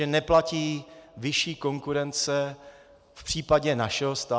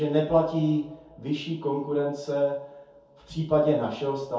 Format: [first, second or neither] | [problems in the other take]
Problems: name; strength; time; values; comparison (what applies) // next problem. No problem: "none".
first | room echo; dies away in 0.6 s